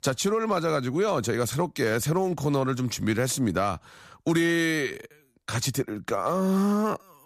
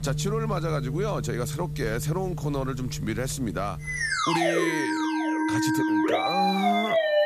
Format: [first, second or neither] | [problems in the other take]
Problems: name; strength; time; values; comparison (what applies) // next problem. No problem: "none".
first | background music; very loud; throughout; 2 dB above the speech